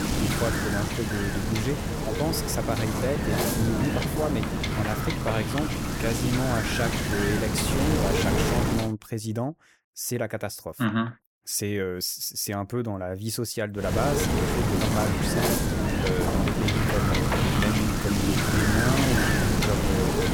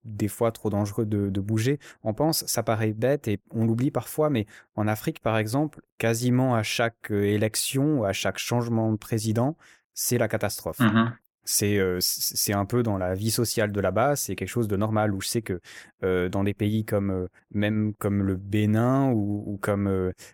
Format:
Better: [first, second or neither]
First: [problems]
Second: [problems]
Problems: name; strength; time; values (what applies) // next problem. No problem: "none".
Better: second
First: wind noise on the microphone; heavy; until 9 s and from 14 s on; 4 dB above the speech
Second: none